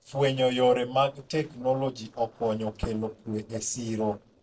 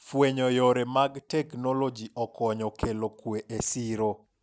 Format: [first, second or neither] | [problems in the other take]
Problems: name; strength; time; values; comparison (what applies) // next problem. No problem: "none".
second | noise reduction (neural separator model SepFormer DNS4)